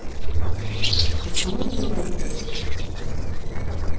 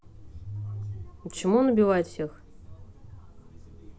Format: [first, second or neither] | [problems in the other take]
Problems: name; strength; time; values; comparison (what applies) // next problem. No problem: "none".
second | noise reduction (neural separator model SepFormer DNS4)